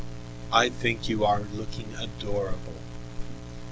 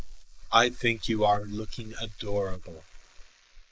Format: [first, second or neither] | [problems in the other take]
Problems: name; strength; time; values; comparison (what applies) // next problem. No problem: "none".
first | noise reduction (neural mask model Resemble Enhance denoiser)